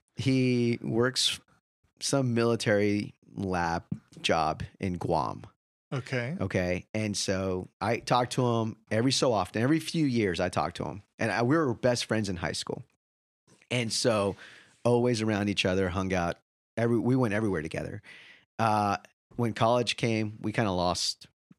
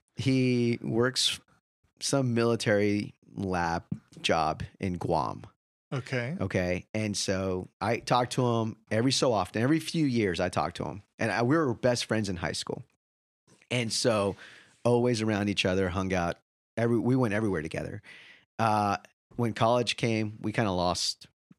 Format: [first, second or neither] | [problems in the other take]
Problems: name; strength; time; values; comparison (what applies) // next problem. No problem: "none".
neither | none